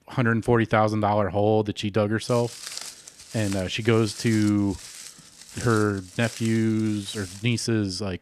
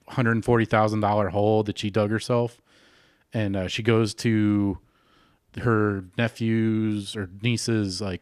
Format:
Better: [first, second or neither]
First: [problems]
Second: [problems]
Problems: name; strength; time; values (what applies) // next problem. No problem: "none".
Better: second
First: footsteps; noticeable; from 2.5 to 7.5 s; peak 10 dB below the speech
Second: none